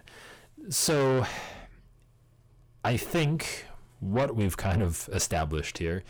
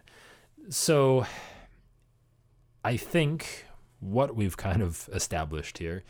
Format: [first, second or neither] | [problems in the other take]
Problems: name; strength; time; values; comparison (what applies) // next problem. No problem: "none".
second | distortion; heavy; 7 dB below the speech